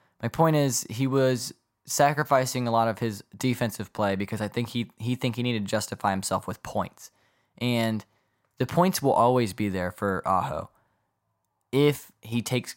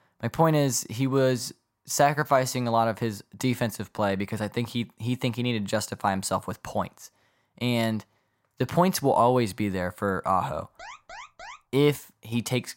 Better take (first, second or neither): first